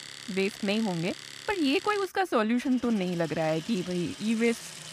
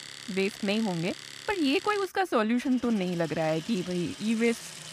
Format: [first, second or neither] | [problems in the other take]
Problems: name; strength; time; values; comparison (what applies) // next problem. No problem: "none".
neither | household noises; noticeable; throughout; 15 dB below the speech; the same in both